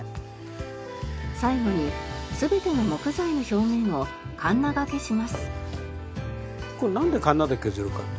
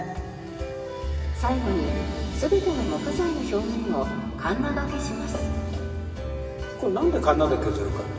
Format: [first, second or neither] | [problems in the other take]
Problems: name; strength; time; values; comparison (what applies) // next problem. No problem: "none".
first | room echo; dies away in 2.6 s